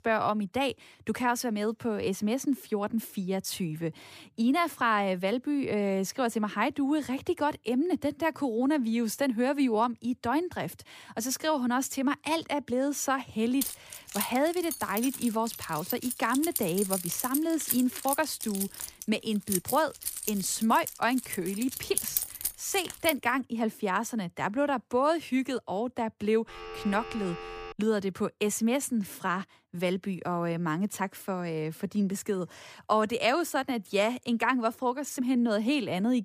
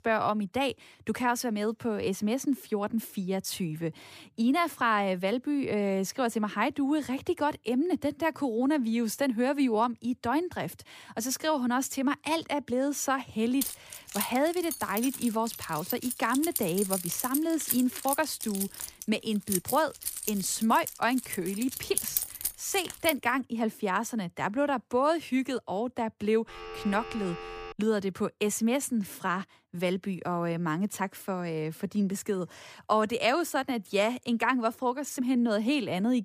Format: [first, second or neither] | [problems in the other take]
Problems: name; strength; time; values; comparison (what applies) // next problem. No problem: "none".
neither | jangling keys; loud; from 14 to 23 s; peak 1 dB above the speech; the same in both // phone ringing; faint; from 26 to 28 s; peak 10 dB below the speech; the same in both